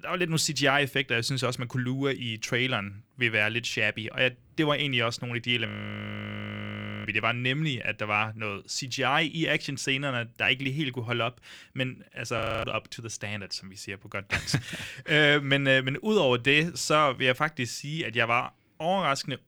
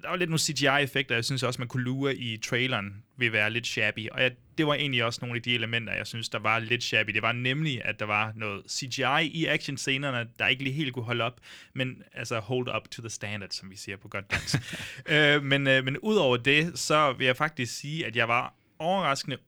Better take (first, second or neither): second